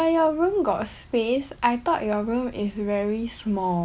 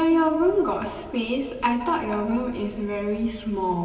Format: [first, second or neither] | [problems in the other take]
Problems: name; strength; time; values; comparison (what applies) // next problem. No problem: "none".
first | room echo; dies away in 2 s